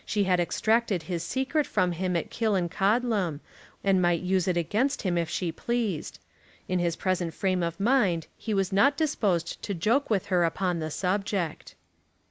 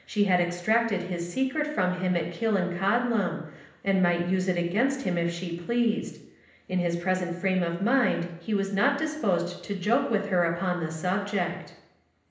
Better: first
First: none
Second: room echo; dies away in 0.8 s

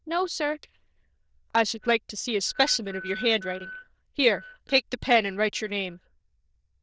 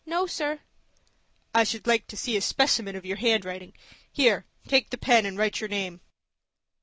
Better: second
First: noise reduction (neural diffusion model UNIVERSE++)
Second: none

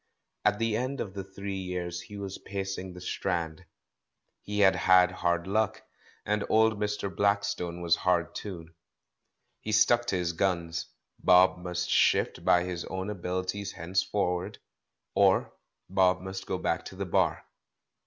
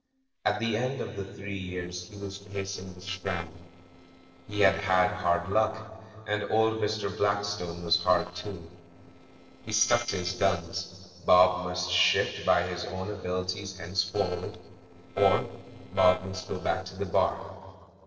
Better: first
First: none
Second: noise reduction (neural separator model SepFormer DNS4)

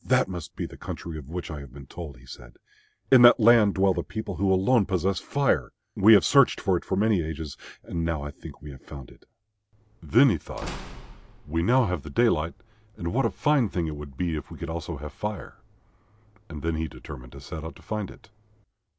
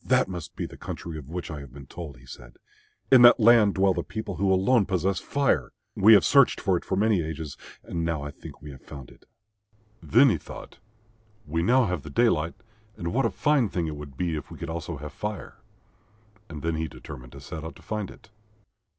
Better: second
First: background sound (Slam / Wood); 15 dB below the speech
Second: none

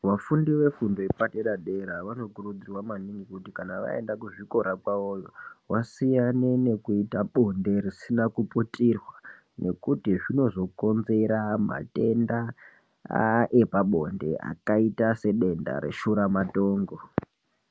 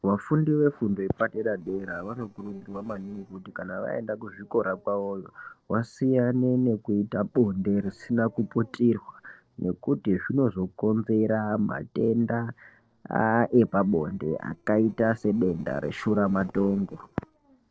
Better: first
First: none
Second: noise reduction (neural separator model SepFormer DNS4)

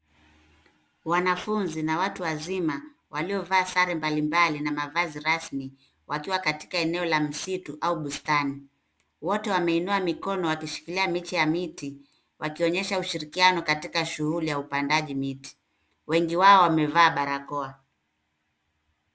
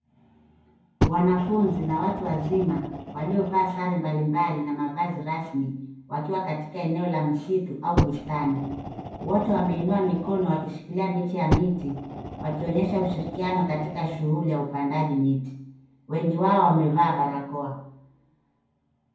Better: first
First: none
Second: background sound (Fire); 6 dB below the speech // room echo; dies away in 0.9 s

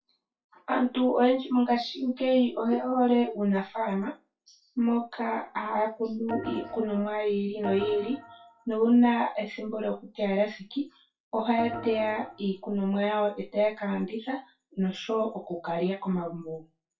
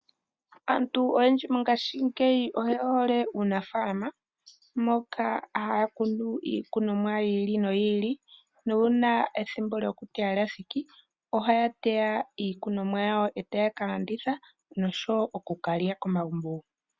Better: second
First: noise reduction (classical method WPE with log-MMSE)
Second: none

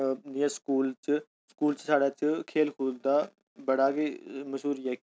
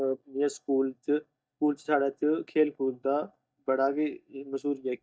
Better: first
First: none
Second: noise reduction (neural mask model DeepFilterNet 3)

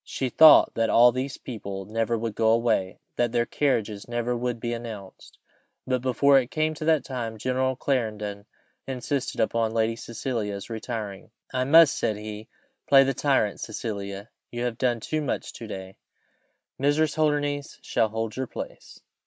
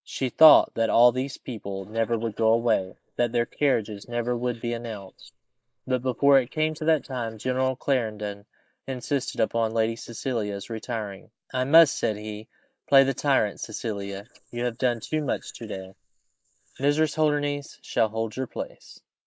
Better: first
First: none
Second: noise reduction (neural mask model Resemble Enhance denoiser)

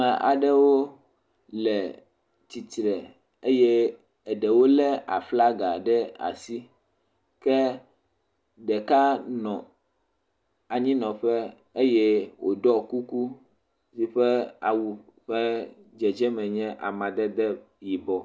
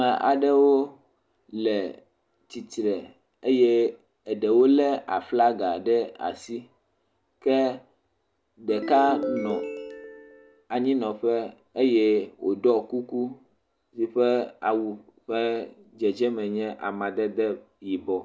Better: first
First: none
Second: background sound (Ringtone); 7 dB below the speech

